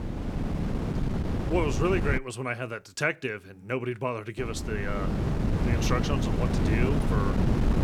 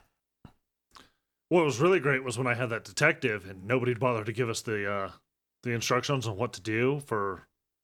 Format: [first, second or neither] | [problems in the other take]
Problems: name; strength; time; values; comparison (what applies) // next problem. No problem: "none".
second | wind noise on the microphone; heavy; until 2 s and from 4.5 s on; 4 dB below the speech